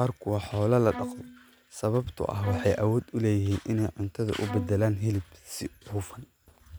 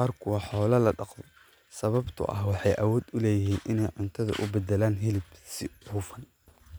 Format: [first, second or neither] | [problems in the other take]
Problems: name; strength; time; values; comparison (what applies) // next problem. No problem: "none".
second | background sound (Bowed string instrument); 13 dB below the speech